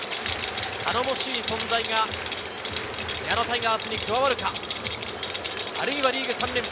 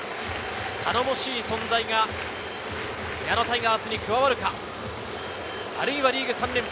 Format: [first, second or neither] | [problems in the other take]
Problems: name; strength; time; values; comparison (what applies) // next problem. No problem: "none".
second | background sound (Rattle); 7 dB below the speech